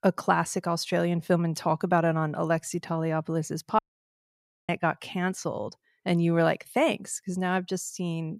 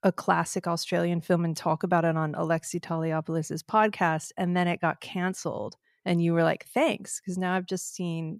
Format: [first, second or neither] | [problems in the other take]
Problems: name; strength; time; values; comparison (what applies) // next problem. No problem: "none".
second | audio cutting out; at 4 s for 1 s